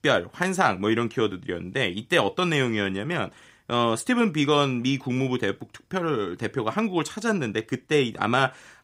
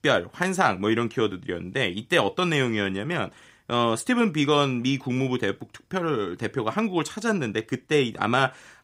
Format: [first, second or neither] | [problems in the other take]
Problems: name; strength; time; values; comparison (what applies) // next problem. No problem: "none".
neither | none